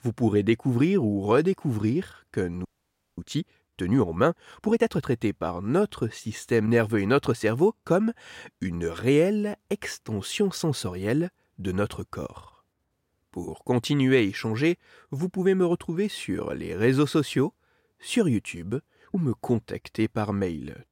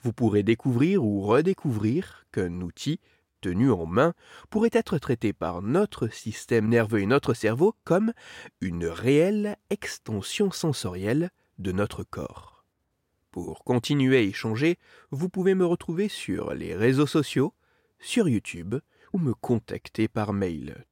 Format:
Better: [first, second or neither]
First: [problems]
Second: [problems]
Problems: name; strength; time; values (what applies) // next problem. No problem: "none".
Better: second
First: audio freezing; at 2.5 s for 0.5 s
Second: none